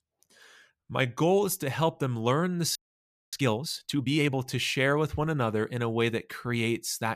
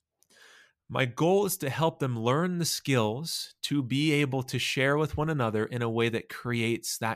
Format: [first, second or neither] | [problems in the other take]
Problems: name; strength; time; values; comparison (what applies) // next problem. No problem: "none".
second | audio freezing; at 3 s for 0.5 s